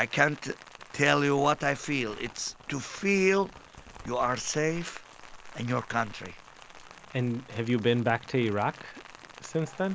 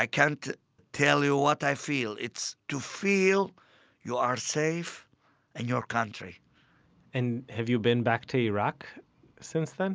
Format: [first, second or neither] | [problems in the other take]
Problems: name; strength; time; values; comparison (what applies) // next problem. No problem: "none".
second | background sound (Rain); 18 dB below the speech